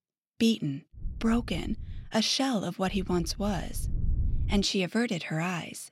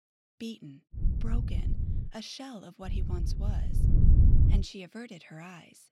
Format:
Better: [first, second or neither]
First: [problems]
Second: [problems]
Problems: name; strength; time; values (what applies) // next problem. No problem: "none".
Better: first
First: wind noise on the microphone; occasional gusts; from 1 to 2 s and from 3 to 4.5 s; 20 dB below the speech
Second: wind noise on the microphone; heavy; from 1 to 2 s and from 3 to 4.5 s; 1 dB above the speech